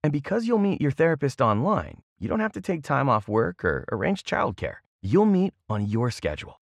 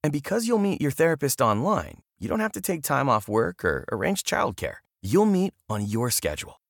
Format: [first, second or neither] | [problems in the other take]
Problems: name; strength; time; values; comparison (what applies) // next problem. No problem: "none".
second | muffled; slightly; fading above 3 kHz